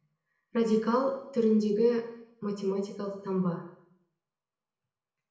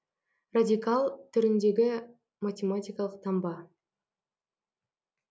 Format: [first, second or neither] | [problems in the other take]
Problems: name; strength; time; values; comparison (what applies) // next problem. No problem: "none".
second | room echo; dies away in 0.8 s